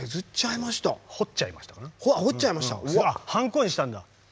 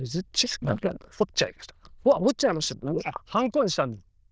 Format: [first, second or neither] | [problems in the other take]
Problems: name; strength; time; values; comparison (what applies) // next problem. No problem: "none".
first | noise reduction (neural diffusion model UNIVERSE++)